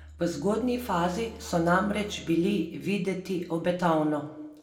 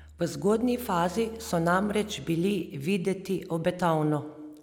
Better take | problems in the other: second | room echo; dies away in 0.3 s

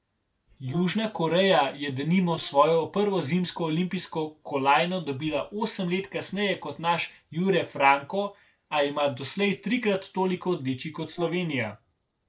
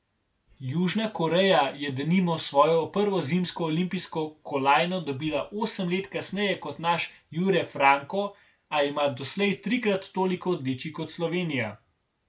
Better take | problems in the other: second | noise reduction (neural separator model SepFormer DNS4)

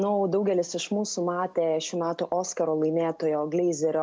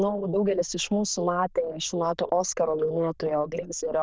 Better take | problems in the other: first | noise reduction (neural diffusion model UNIVERSE++)

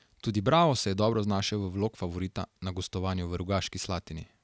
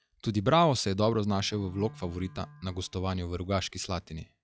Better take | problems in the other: first | noise reduction (classical method log-MMSE)

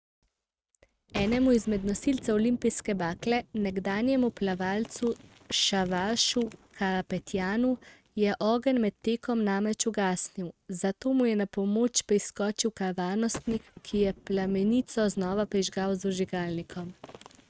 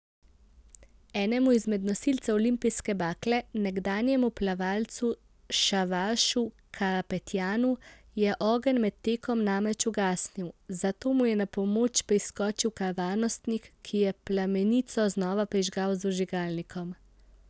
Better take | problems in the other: second | noise reduction (neural mask model RNNoise)

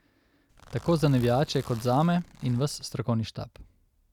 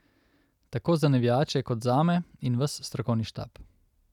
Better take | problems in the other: second | background sound (Zipper (clothing)); 20 dB below the speech

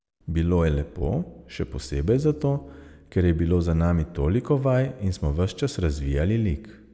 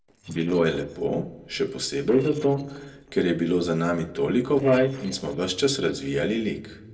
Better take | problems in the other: first | noise reduction (neural separator model SepFormer DNS4)

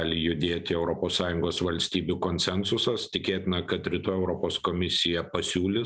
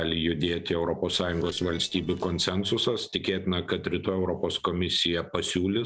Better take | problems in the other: first | noise reduction (neural separator model SepFormer DNS4)

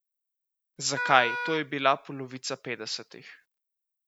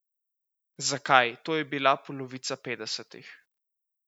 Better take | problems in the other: second | background sound (Wind instrument, woodwind instrument); 4 dB below the speech

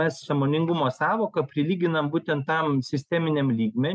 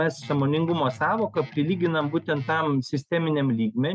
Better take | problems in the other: first | background sound (Guitar); 18 dB below the speech

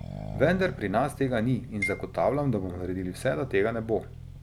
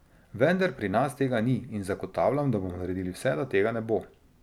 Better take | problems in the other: second | background sound (Marimba, xylophone + Accelerating, revving, vroom); 11 dB below the speech

